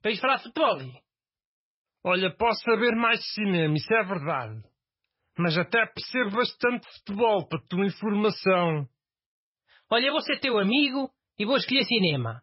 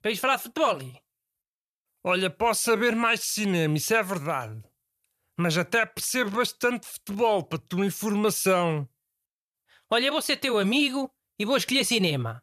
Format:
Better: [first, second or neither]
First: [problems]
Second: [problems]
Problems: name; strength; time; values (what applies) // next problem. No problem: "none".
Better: second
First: garbled, watery; badly; nothing above 5.5 kHz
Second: none